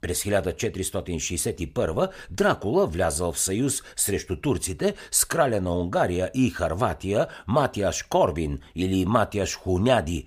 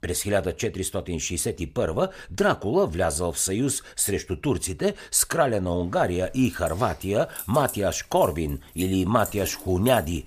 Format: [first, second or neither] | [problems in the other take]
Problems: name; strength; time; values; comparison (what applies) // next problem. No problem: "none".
first | jangling keys; noticeable; from 6 s on; peak 8 dB below the speech